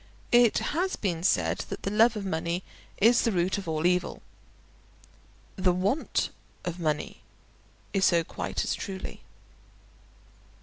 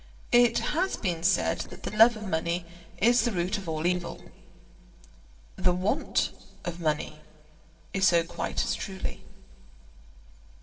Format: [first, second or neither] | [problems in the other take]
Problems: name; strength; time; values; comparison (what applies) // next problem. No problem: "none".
first | noise reduction (neural separator model SepFormer DNS4)